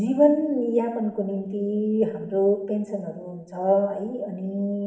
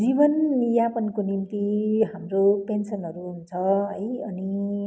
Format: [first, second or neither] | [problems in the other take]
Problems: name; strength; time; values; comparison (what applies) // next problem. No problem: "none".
second | room echo; dies away in 0.8 s